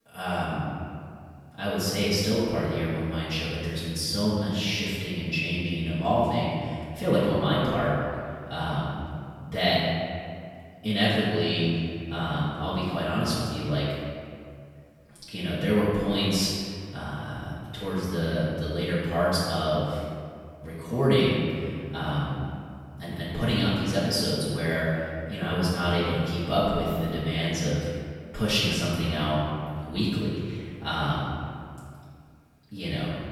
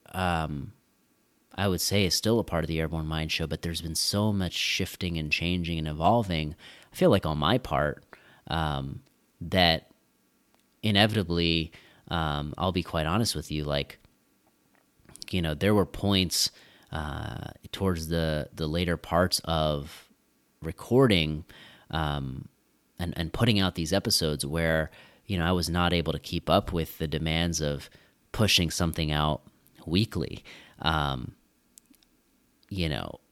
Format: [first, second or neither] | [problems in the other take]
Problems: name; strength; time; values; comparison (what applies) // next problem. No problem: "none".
second | off-mic speech; far // room echo; strong; dies away in 1.9 s